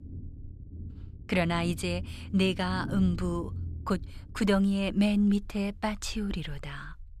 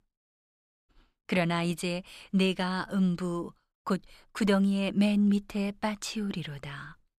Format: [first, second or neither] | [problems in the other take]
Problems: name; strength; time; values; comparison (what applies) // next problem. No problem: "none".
second | low rumble; noticeable; throughout; 20 dB below the speech